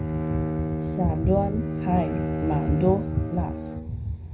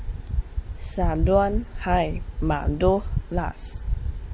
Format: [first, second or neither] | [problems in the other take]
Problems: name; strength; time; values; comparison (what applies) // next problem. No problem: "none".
second | background sound (Bowed string instrument); 3 dB below the speech // room echo; dies away in 0.4 s